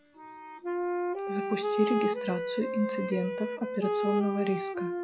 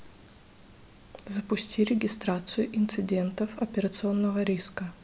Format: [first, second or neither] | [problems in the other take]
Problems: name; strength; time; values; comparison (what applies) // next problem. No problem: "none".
second | noise reduction (classical method log-MMSE)